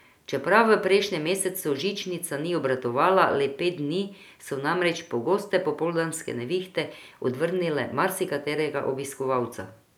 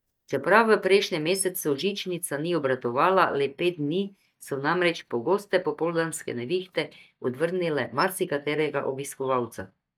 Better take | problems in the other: first | noise reduction (neural mask model DeepFilterNet 3)

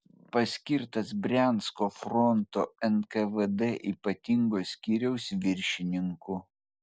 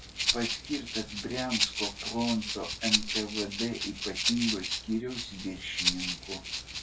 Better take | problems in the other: first | background sound (Rattle (instrument)); 1 dB above the speech // room echo; dies away in 0.2 s

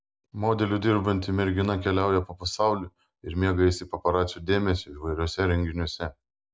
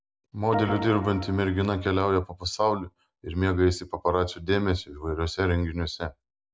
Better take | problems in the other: first | background sound (Organ); 6 dB below the speech

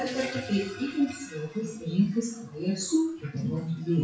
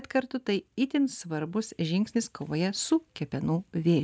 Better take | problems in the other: second | noise reduction (classical method WPE with log-MMSE)

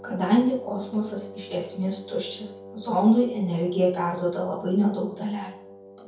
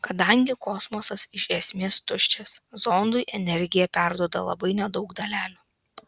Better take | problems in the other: second | background sound (Wind instrument, woodwind instrument); 18 dB below the speech // room echo; dies away in 0.6 s

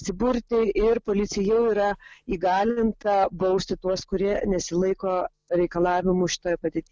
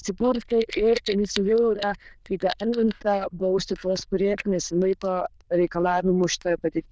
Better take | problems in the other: first | noise reduction (neural diffusion model UNIVERSE++)

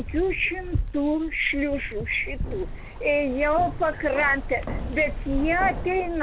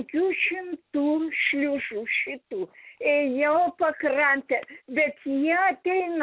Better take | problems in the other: second | background sound (Keys jangling); 6 dB below the speech

